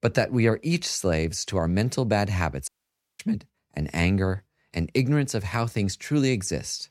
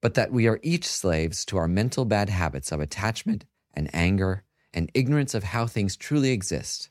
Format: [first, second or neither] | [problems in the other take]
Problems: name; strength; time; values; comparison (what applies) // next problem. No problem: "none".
second | audio cutting out; at 2.5 s for 0.5 s